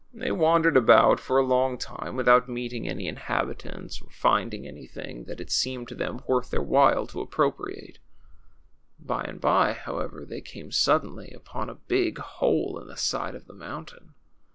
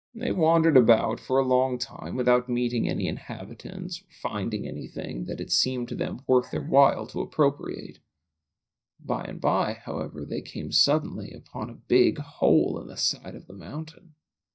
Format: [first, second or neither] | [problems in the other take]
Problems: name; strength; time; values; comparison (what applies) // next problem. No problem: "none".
first | noise reduction (neural mask model DeepFilterNet 3)